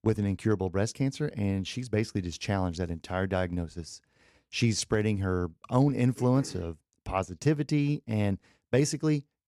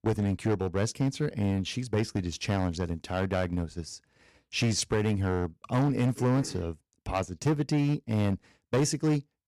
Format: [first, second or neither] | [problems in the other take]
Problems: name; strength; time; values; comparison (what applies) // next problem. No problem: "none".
first | distortion; slight; 7% of the sound clipped